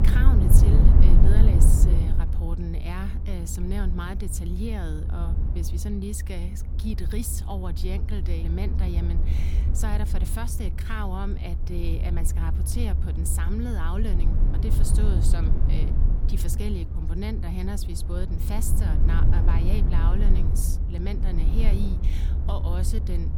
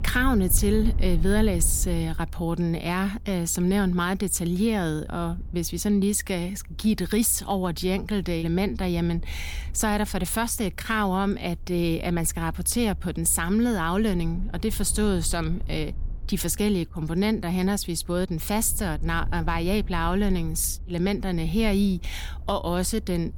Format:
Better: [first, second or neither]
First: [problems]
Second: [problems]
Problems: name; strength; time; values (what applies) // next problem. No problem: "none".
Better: second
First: low rumble; loud; throughout; 3 dB below the speech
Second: low rumble; faint; throughout; 25 dB below the speech